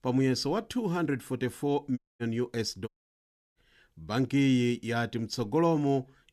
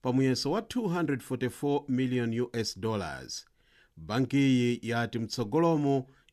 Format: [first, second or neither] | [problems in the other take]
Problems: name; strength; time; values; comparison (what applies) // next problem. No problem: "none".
second | audio cutting out; at 2 s and at 3 s for 0.5 s